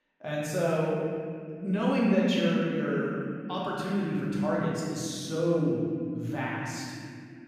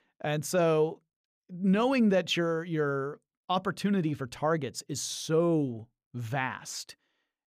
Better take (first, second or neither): second